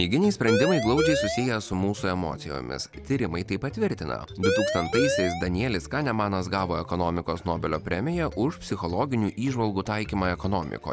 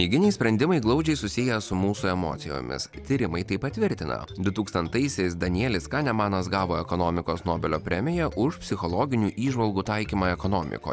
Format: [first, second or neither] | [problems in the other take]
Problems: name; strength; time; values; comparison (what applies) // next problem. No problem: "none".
second | background sound (Siren); 1 dB above the speech